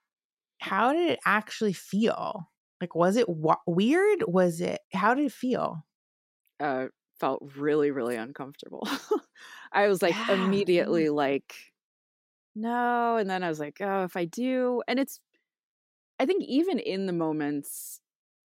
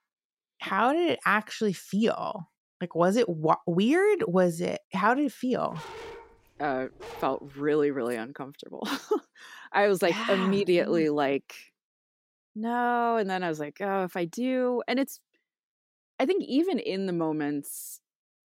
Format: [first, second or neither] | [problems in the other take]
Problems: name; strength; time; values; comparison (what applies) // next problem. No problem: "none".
first | dog barking; faint; from 5.5 to 7.5 s; peak 15 dB below the speech